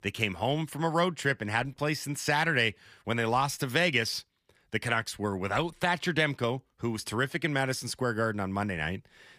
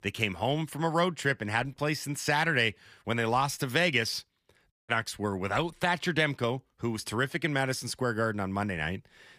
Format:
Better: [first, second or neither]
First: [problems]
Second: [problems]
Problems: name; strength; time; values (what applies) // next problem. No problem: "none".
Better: first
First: none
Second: audio cutting out; at 4.5 s